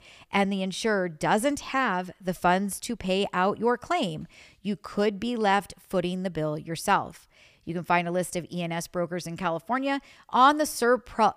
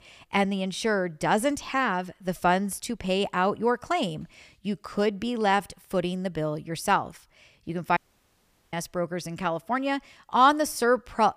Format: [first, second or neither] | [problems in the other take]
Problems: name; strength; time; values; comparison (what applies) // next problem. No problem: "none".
first | audio cutting out; at 8 s for 1 s